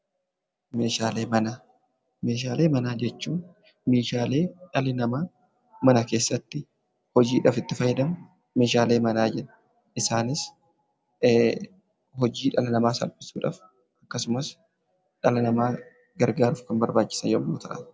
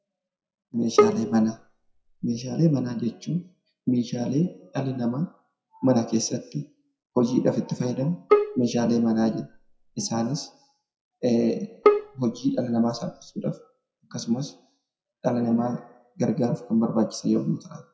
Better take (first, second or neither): first